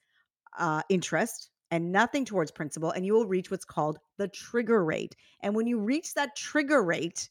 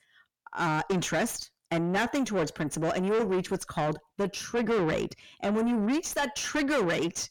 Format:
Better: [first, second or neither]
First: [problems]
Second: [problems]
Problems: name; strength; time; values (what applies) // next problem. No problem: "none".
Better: first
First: none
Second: distortion; heavy; 5 dB below the speech